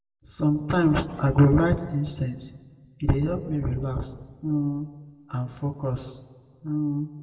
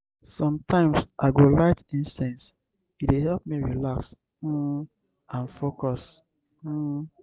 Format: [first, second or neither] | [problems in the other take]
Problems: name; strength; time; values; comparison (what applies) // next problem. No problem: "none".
second | room echo; dies away in 1 s